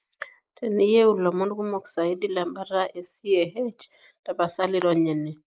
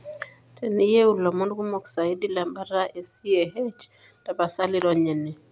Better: second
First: noise reduction (neural mask model Resemble Enhance denoiser)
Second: none

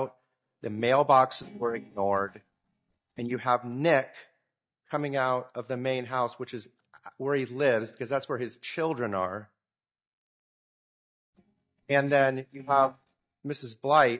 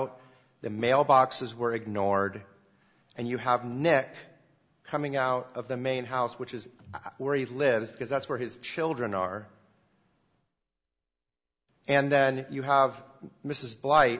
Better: second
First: noise reduction (neural mask model DeepFilterNet 3)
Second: none

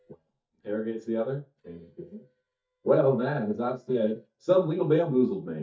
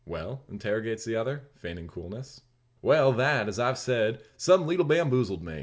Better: second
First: noise reduction (neural mask model DeepFilterNet 3)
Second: none

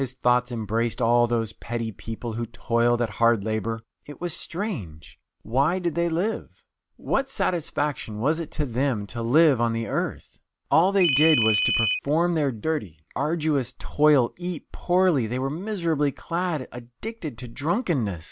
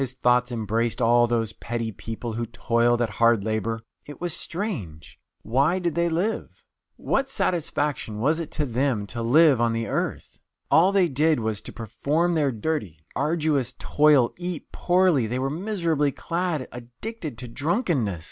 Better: second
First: background sound (Ringtone); 1 dB above the speech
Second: none

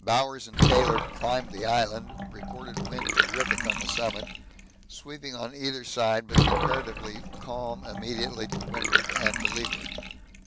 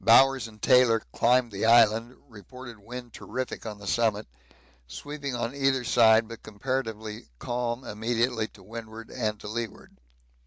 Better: second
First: background sound (Bathtub (filling or washing) / Water); 3 dB above the speech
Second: none

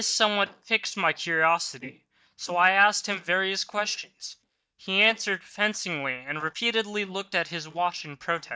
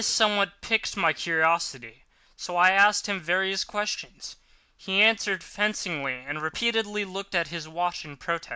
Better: second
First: noise reduction (neural mask model DeepFilterNet 3)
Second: none

